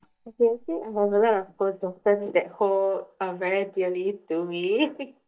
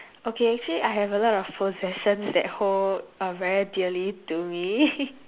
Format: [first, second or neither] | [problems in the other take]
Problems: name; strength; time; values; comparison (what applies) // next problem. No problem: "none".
second | noise reduction (neural mask model DeepFilterNet 3)